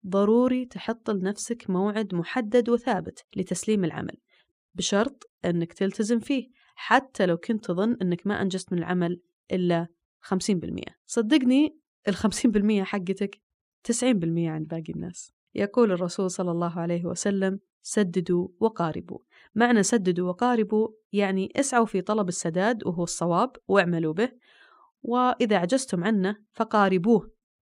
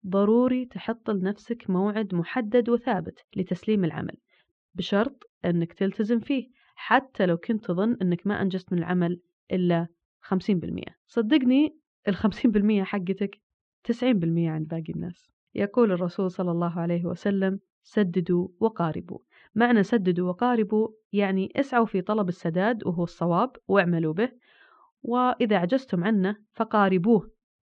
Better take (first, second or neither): first